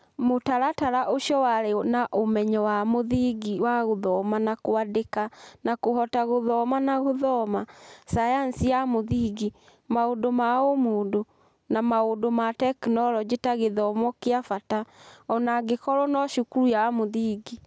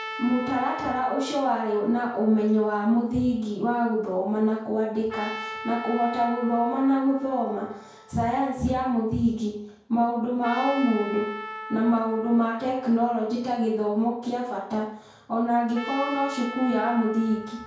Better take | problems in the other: first | background sound (Trumpet); 14 dB below the speech // room echo; dies away in 0.5 s

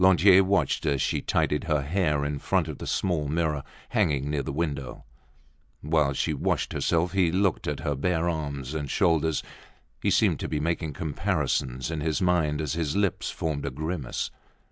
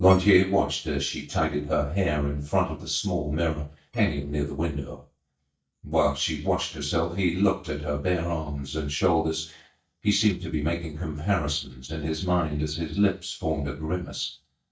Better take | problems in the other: first | noise reduction (neural mask model DeepFilterNet 3)

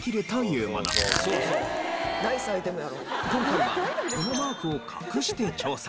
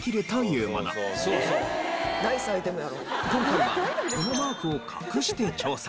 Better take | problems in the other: second | background sound (Crushing); 2 dB below the speech

